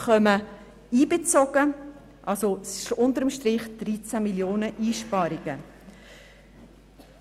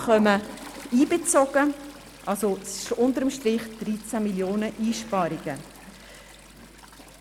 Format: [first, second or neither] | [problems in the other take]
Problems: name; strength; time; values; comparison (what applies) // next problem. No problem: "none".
first | background sound (Toilet flush); 19 dB below the speech